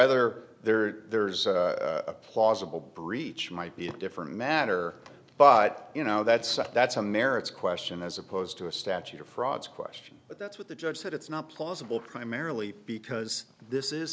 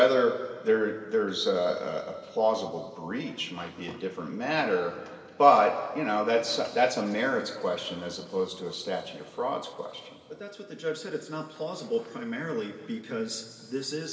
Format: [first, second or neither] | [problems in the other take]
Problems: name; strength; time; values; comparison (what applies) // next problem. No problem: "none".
first | room echo; dies away in 3 s